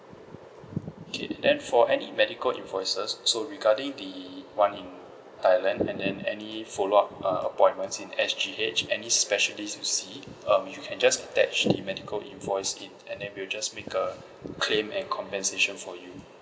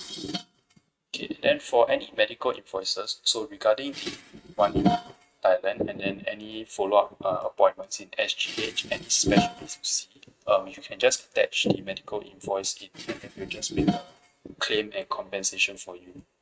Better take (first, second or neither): first